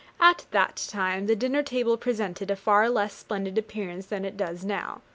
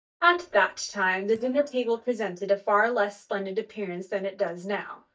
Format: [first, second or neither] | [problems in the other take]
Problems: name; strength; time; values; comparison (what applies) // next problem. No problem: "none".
first | noise reduction (neural mask model DeepFilterNet 3)